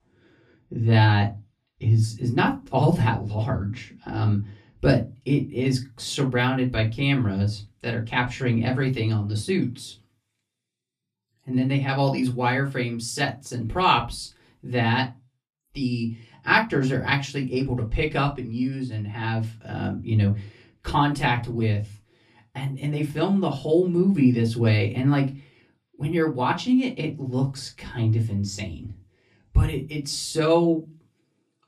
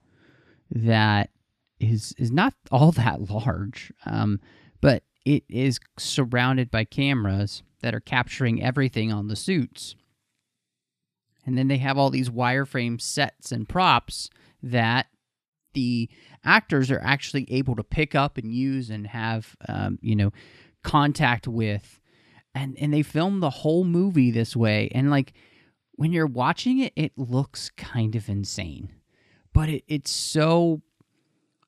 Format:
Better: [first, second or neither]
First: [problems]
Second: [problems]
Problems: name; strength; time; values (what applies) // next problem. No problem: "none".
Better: second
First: off-mic speech; far // room echo; very slight; dies away in 0.2 s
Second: none